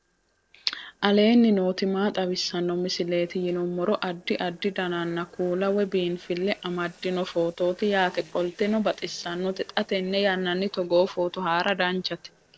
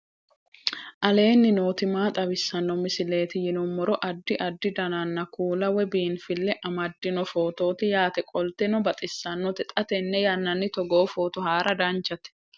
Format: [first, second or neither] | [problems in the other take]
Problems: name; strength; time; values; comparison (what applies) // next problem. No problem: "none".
second | noise reduction (neural separator model SepFormer DNS4)